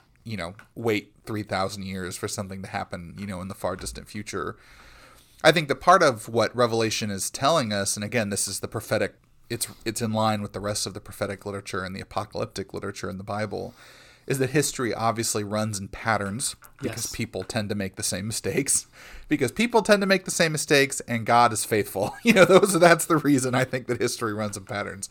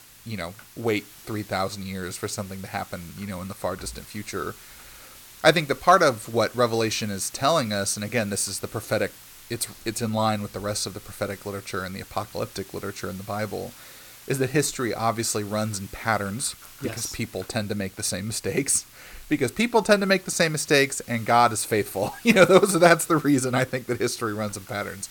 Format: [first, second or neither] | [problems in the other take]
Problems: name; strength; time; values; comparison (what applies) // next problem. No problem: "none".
first | hiss; faint; throughout; 20 dB below the speech